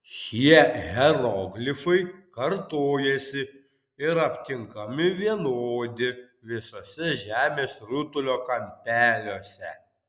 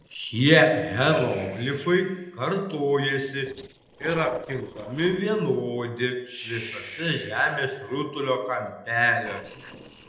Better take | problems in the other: first | noise reduction (neural separator model SepFormer DNS4)

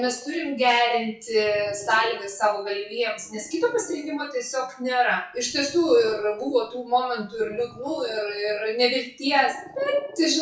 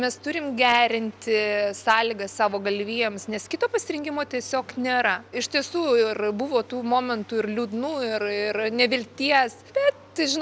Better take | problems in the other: second | noise reduction (classical method WPE with log-MMSE)

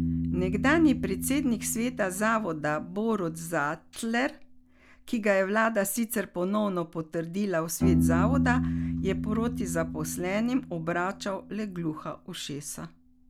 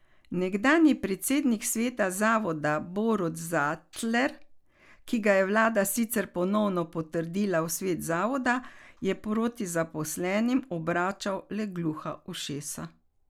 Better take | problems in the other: second | background sound (Piano); 4 dB below the speech

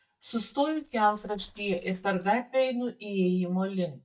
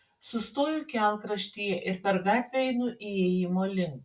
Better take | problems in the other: second | noise reduction (neural mask model DeepFilterNet 3)

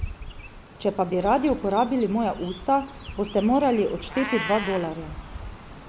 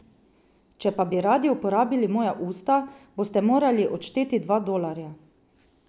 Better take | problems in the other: second | background sound (Chirp, tweet + Meow); 12 dB below the speech

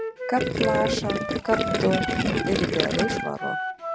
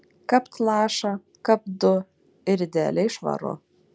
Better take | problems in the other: second | background sound (Wind instrument, woodwind instrument + Gurgling); 3 dB above the speech

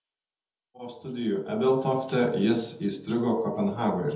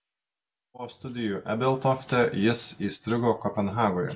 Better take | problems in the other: second | room echo; dies away in 0.8 s

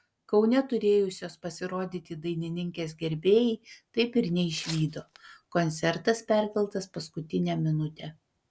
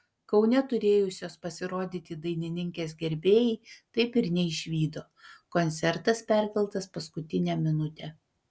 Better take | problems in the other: second | background sound (Tearing); 17 dB below the speech

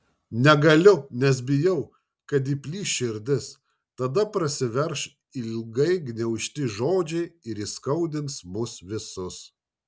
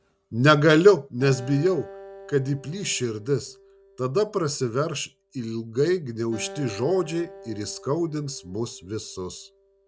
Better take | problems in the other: first | background sound (Acoustic guitar); 20 dB below the speech

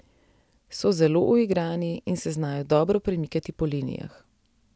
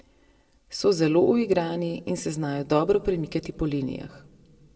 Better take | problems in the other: first | room echo; dies away in 0.8 s

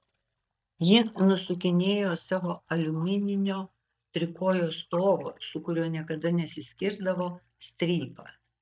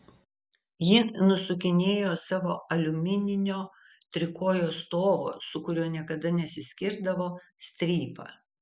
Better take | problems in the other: second | noise reduction (neural mask model DeepFilterNet 3)

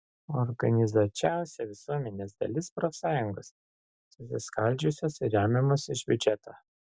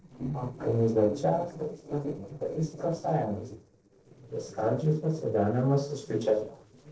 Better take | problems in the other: first | noise reduction (neural separator model SepFormer DNS4)

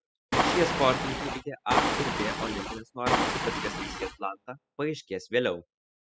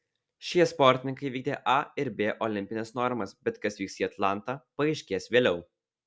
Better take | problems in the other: second | noise reduction (classical method spectral subtraction)

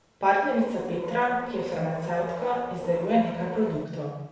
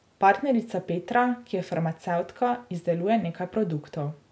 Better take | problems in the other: second | background sound (Subway, metro, underground); 10 dB below the speech // room echo; dies away in 0.9 s

